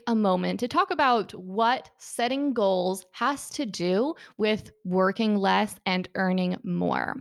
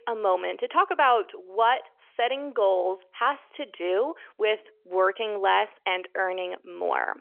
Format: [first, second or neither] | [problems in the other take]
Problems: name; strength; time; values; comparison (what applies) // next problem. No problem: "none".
first | phone-call audio; nothing above 3.5 kHz